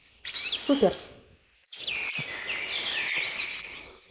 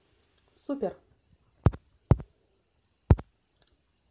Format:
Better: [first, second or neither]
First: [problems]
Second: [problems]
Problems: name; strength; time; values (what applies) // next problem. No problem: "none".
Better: second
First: noise reduction (neural mask model Resemble Enhance denoiser)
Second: none